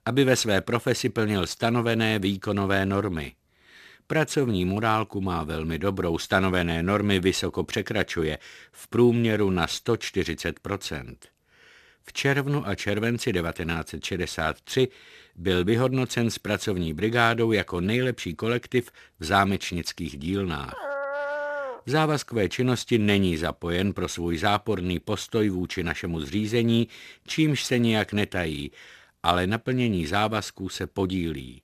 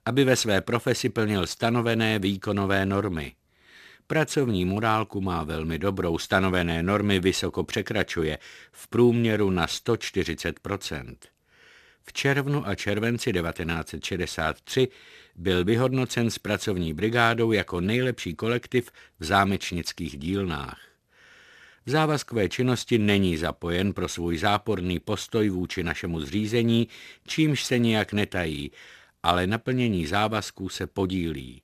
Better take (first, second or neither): second